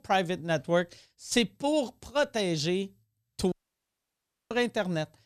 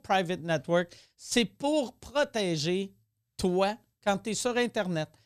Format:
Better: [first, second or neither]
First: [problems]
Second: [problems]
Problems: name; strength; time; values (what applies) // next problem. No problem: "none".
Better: second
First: audio cutting out; at 3.5 s for 1 s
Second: none